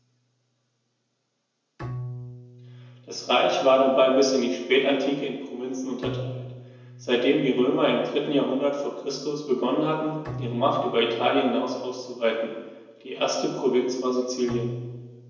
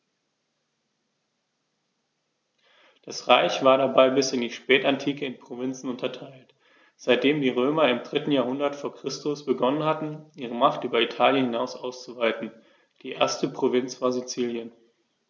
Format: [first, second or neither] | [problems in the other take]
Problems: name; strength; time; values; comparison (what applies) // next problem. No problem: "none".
second | background sound (Bowed string instrument); 16 dB below the speech // room echo; dies away in 1 s